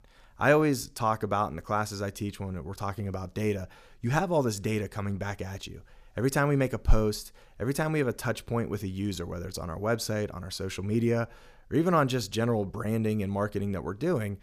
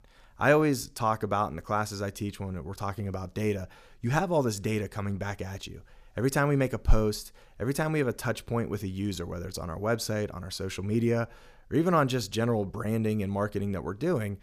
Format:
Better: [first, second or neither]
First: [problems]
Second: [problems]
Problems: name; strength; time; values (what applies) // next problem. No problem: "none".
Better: neither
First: none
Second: none